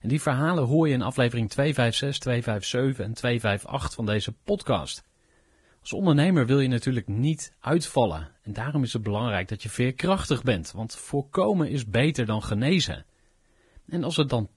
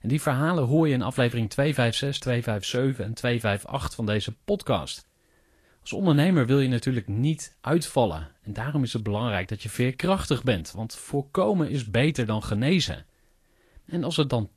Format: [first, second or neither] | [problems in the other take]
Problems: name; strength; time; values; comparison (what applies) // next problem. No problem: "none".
second | garbled, watery; badly; nothing above 10.5 kHz; slightly in the second